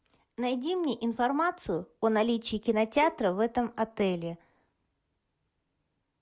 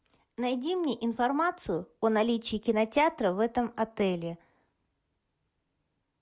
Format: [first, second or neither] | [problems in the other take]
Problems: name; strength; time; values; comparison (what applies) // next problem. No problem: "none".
second | background sound (Bowed string instrument); 20 dB below the speech